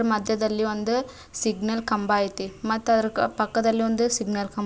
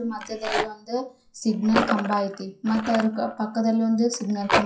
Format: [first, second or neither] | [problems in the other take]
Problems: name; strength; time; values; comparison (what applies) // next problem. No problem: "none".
first | noise reduction (classical method WPE with log-MMSE)